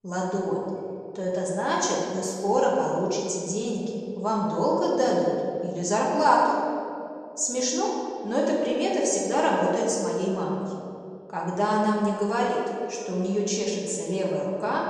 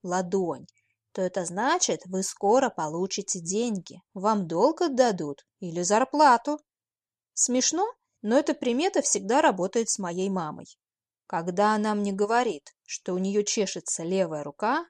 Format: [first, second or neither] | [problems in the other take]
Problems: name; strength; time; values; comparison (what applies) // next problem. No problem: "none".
second | room echo; noticeable; dies away in 2.1 s // off-mic speech; far